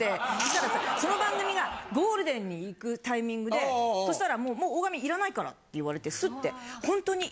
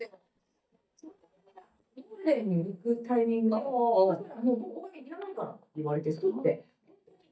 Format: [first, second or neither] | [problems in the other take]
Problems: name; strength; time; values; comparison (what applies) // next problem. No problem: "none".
first | noise reduction (neural mask model DeepFilterNet 3)